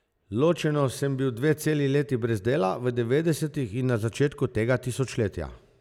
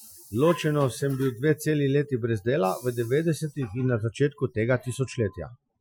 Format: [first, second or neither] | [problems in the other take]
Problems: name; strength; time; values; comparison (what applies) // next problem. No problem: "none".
first | noise reduction (classical method Wiener filter)